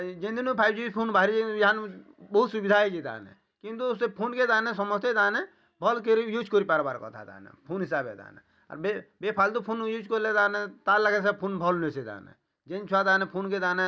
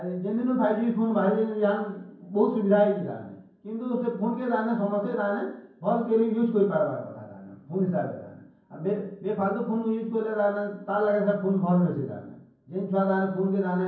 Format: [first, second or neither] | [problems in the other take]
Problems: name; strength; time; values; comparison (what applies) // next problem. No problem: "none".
first | room echo; dies away in 0.9 s